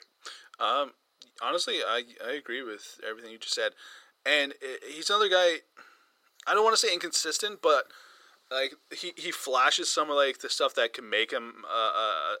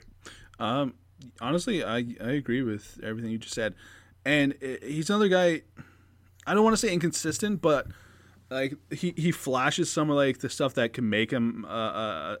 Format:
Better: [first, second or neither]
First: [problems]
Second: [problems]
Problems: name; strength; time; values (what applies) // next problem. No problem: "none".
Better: second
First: thin; very; fading below 450 Hz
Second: none